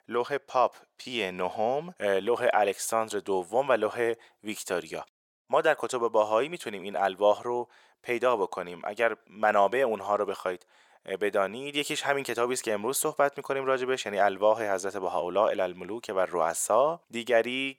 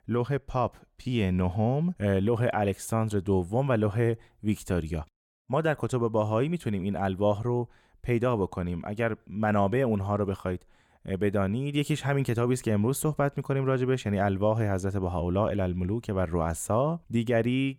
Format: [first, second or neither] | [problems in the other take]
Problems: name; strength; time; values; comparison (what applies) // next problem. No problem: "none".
second | thin; very; fading below 600 Hz